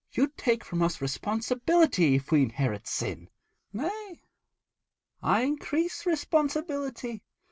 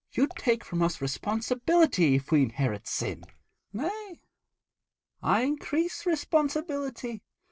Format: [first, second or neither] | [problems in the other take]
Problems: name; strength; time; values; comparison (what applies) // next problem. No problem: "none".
first | noise reduction (neural separator model SepFormer DNS4)